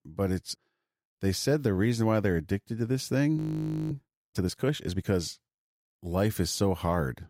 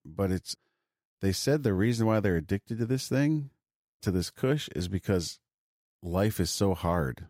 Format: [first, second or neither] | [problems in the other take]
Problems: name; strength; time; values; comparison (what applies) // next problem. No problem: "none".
second | audio freezing; at 3.5 s for 0.5 s